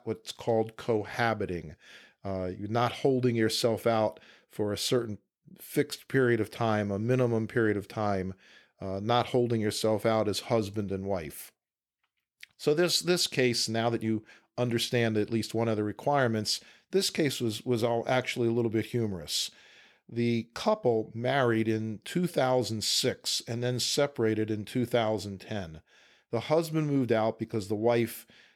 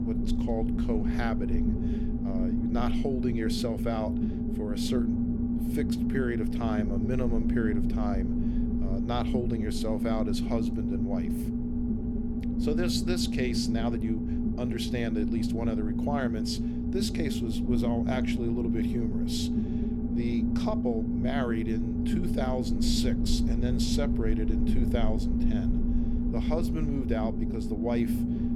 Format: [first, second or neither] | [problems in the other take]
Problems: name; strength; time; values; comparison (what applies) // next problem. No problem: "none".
first | low rumble; loud; throughout; as loud as the speech